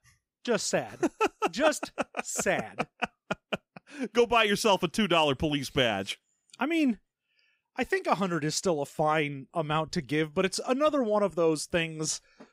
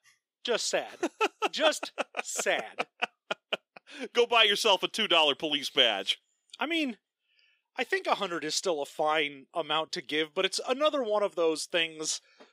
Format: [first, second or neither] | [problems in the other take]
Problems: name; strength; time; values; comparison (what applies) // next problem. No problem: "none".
first | thin; somewhat; fading below 400 Hz